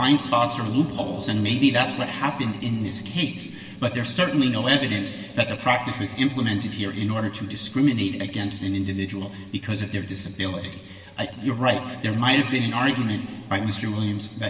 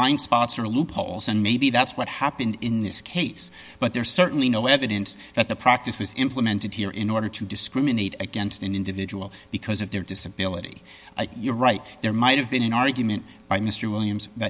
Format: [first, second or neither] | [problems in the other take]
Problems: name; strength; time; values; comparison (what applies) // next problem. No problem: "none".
second | background sound (Piano); 20 dB below the speech // room echo; dies away in 2.8 s